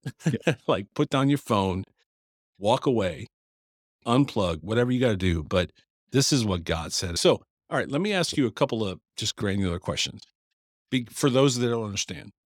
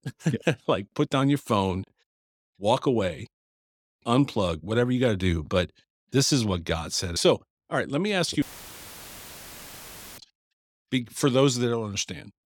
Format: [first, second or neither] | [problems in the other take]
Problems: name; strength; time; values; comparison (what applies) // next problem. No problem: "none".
first | audio cutting out; filled with static; at 8.5 s for 2 s